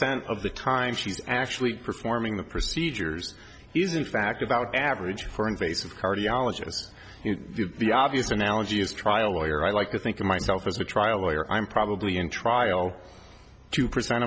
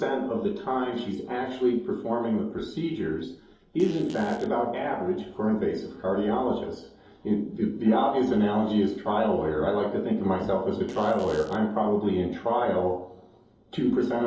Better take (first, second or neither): first